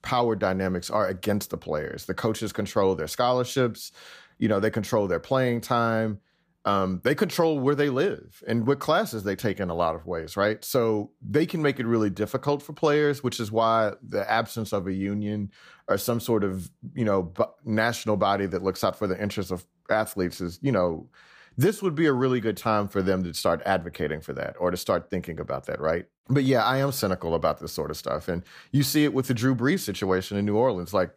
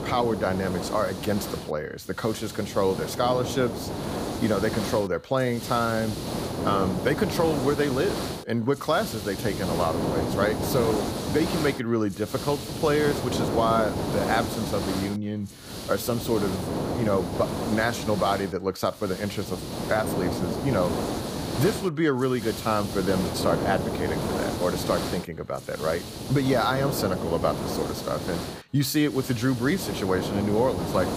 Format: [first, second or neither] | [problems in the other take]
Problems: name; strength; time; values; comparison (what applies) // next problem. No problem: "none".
first | hiss; loud; throughout; 4 dB below the speech